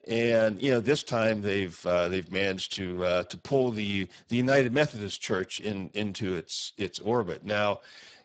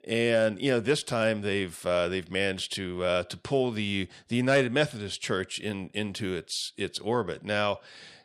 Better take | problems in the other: second | garbled, watery; badly; nothing above 8 kHz

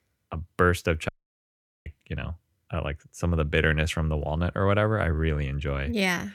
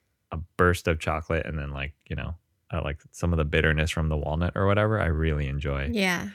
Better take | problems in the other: second | audio cutting out; at 1 s for 1 s

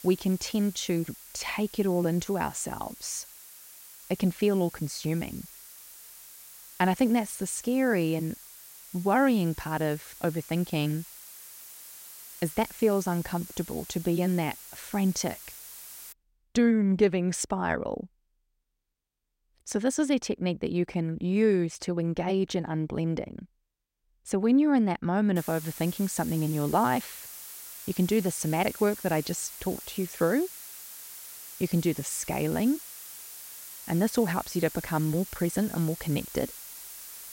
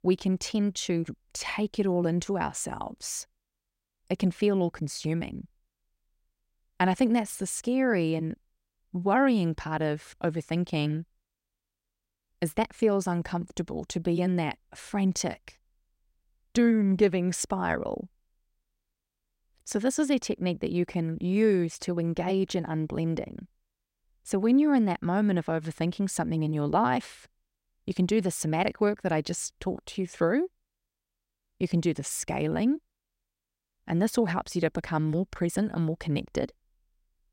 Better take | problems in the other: second | hiss; noticeable; until 16 s and from 25 s on; 15 dB below the speech

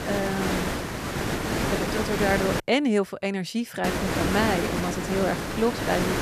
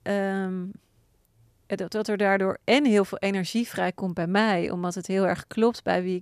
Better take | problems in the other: second | hiss; loud; until 2.5 s and from 4 s on; 1 dB below the speech

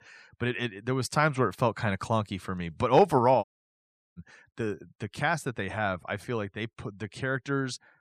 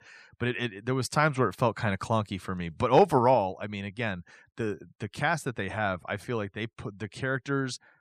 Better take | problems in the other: second | audio cutting out; at 3.5 s for 0.5 s

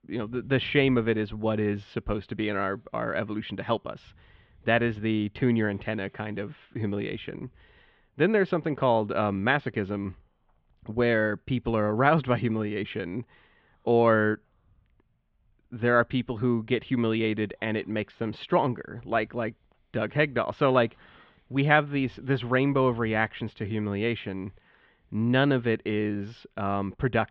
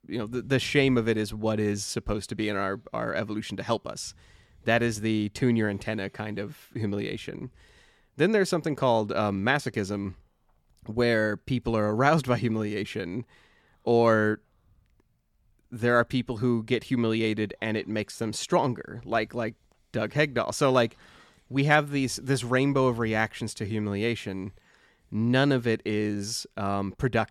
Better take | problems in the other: second | muffled; very; fading above 3.5 kHz

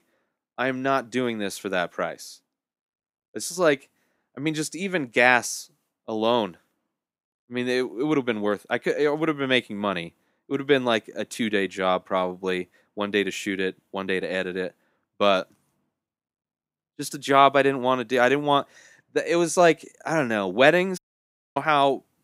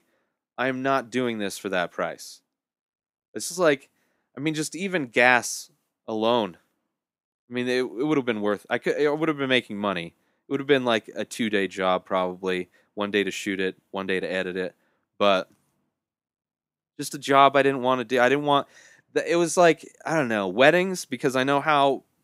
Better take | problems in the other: second | audio cutting out; at 21 s for 0.5 s

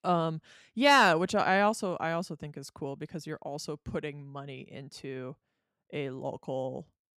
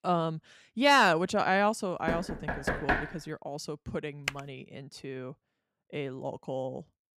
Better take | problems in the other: first | door banging; loud; at 2 s; peak level with the speech // keyboard typing; very faint; at 4.5 s; peak 7 dB below the speech

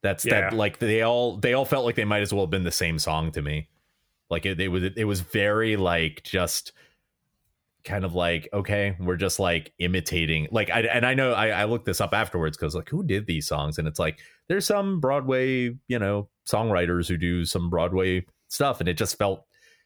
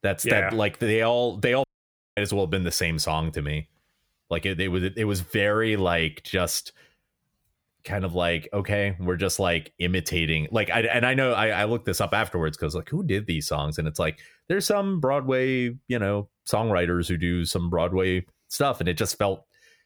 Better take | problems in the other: first | audio cutting out; at 1.5 s for 0.5 s

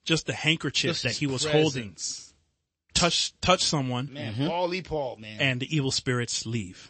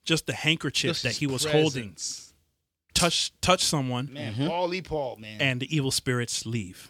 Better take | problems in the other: second | garbled, watery; slightly; nothing above 8 kHz

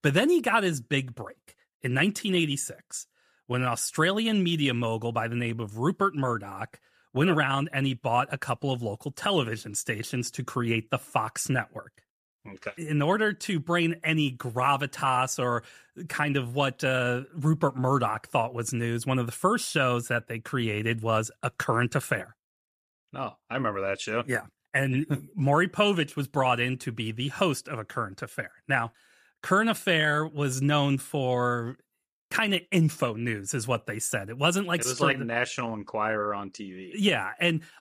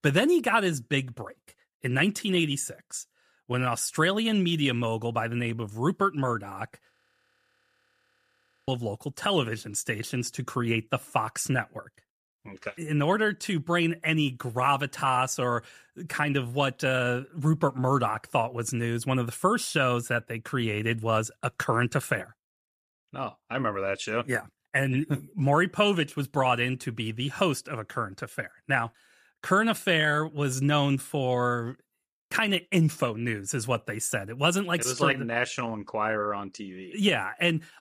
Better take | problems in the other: first | audio freezing; at 7 s for 2 s

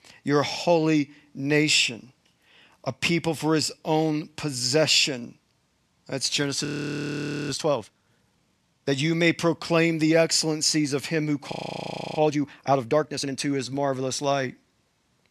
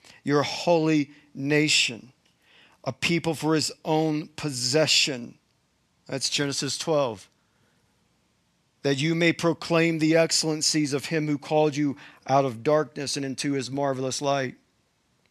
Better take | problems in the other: second | audio freezing; at 6.5 s for 1 s and at 12 s for 0.5 s

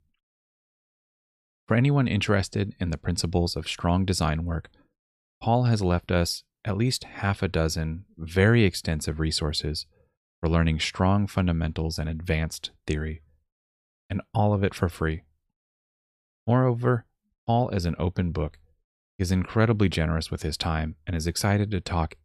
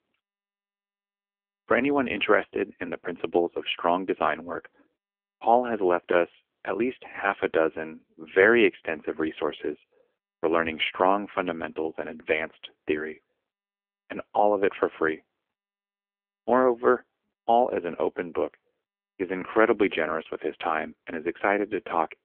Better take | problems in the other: first | phone-call audio; poor line; nothing above 3 kHz

